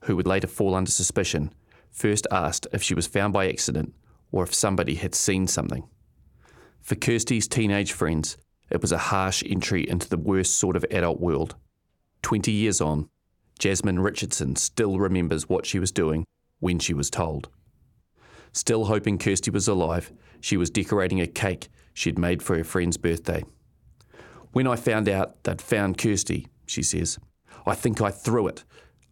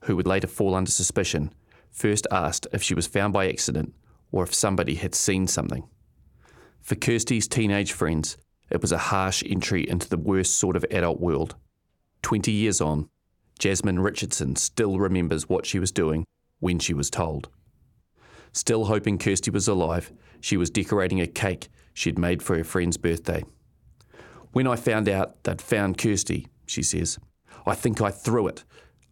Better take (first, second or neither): neither